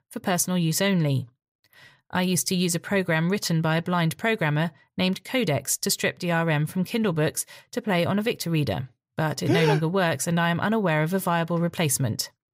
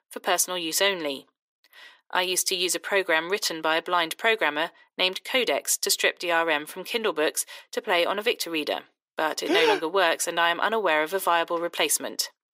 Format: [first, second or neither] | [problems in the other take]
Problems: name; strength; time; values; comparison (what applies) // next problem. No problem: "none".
first | thin; very; fading below 300 Hz